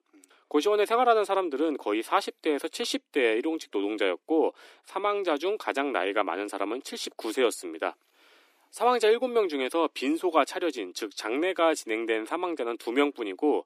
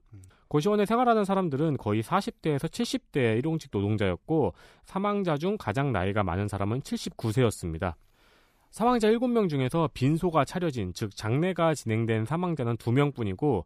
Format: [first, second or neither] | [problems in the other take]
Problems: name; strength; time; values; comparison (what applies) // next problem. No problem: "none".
second | thin; somewhat; fading below 300 Hz